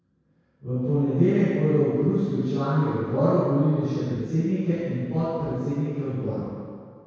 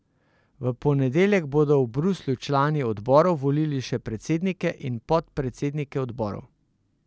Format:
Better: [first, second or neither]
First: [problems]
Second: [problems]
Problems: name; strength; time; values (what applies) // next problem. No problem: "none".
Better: second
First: room echo; dies away in 1.9 s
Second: none